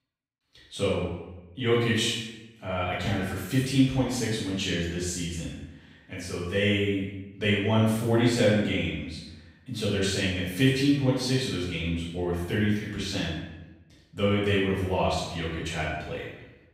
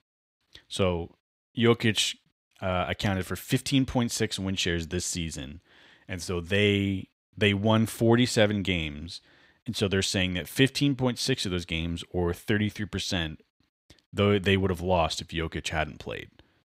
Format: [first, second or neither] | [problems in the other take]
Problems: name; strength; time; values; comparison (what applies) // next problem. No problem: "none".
second | off-mic speech; far // room echo; strong; dies away in 0.8 s